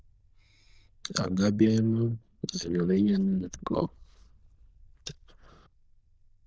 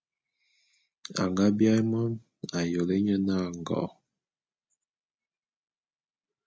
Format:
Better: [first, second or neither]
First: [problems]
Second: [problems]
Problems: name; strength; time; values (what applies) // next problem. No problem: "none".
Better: second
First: noise reduction (neural diffusion model UNIVERSE++)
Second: none